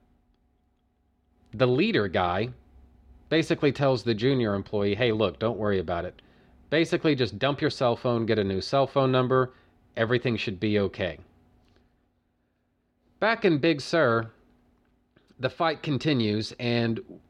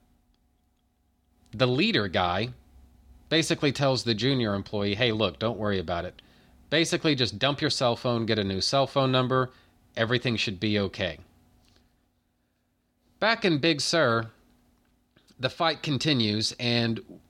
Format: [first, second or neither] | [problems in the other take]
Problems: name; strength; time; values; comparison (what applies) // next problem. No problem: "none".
second | muffled; slightly; fading above 3.5 kHz